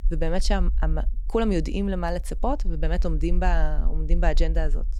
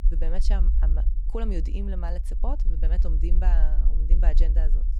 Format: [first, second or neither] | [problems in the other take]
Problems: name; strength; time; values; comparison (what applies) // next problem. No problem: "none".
first | low rumble; loud; throughout; 9 dB below the speech; faint in the first